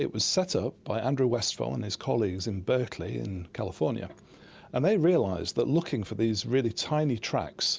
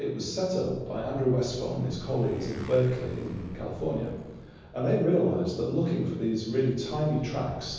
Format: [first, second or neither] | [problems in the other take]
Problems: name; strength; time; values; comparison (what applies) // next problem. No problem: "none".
first | background sound (Motorcycle); 19 dB below the speech // room echo; dies away in 1.1 s